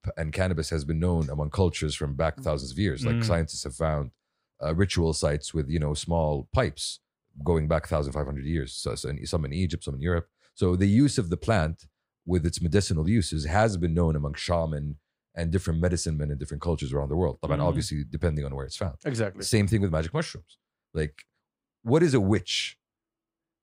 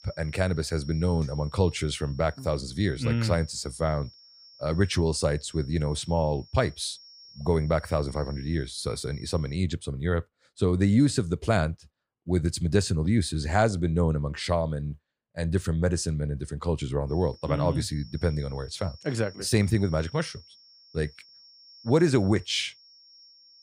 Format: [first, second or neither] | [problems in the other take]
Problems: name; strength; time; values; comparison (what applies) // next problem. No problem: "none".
first | high-pitched whine; faint; until 9.5 s and from 17 s on; 5.5 kHz, 20 dB below the speech